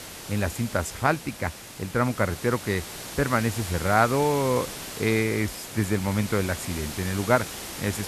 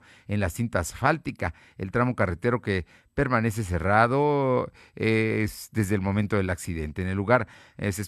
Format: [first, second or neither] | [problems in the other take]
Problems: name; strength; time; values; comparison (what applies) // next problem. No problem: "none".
second | hiss; loud; throughout; 10 dB below the speech